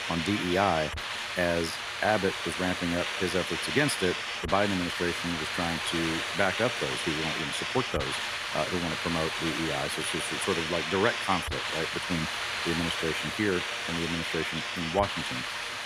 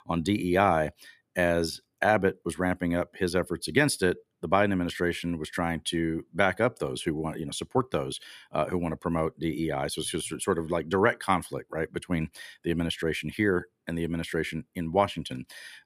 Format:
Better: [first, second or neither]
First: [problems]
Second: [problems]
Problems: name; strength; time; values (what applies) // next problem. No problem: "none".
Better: second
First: hiss; loud; throughout; as loud as the speech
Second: none